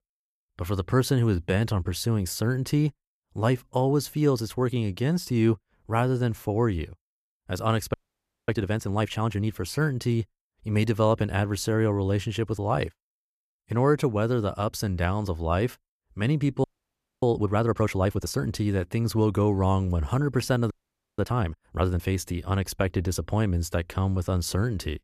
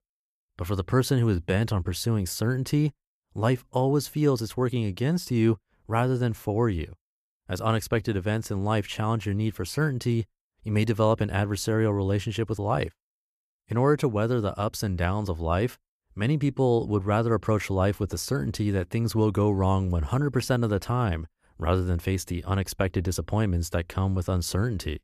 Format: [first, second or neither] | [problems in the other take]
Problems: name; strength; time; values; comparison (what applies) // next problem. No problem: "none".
second | audio freezing; at 8 s for 0.5 s, at 17 s for 0.5 s and at 21 s